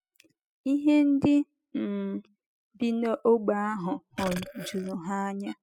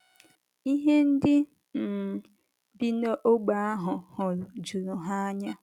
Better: second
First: noise reduction (classical method spectral subtraction)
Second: none

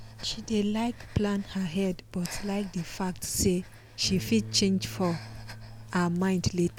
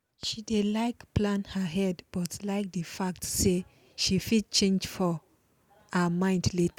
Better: second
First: background sound (Bass guitar + Breathing); 13 dB below the speech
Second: none

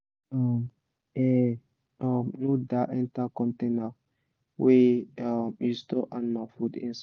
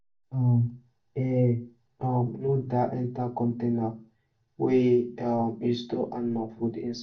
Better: first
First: none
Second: room echo; dies away in 0.3 s

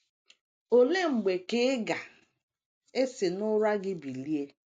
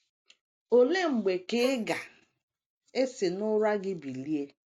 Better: first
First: none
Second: background sound (Gasp); 18 dB below the speech

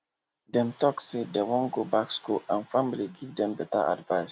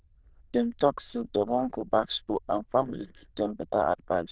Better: first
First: none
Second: noise reduction (neural diffusion model UNIVERSE++)

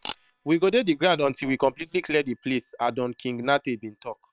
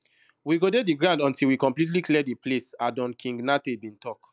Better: second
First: noise reduction (neural separator model SepFormer WHAM!)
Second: none

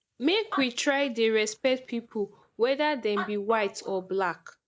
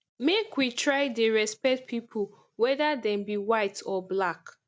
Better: second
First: noise reduction (neural mask model Resemble Enhance denoiser)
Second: none

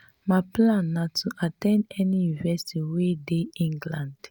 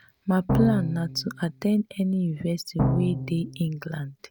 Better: first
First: none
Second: background sound (Drum); 2 dB below the speech

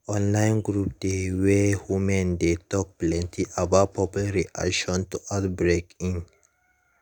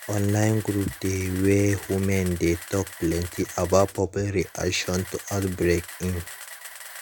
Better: first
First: none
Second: background sound (Camera); 16 dB below the speech

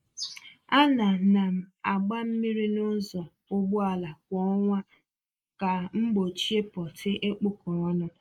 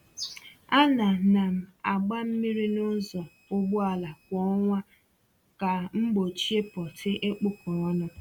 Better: second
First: noise reduction (neural mask model Resemble Enhance denoiser)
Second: none

